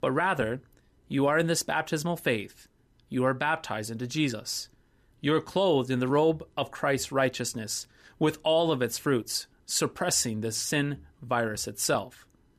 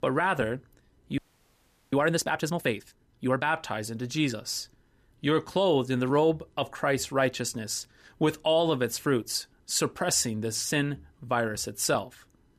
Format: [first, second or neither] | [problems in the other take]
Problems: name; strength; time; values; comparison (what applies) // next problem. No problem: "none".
first | audio freezing; at 1 s for 0.5 s